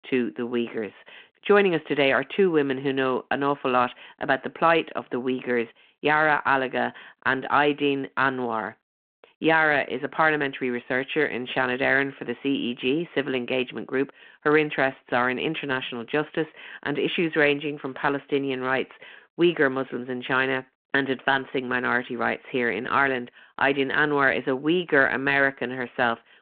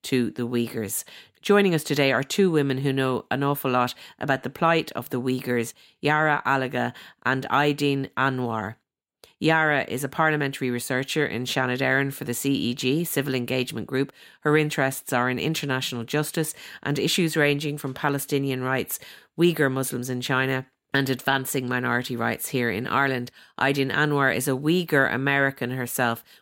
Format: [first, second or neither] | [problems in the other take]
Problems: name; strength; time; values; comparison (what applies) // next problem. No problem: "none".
second | phone-call audio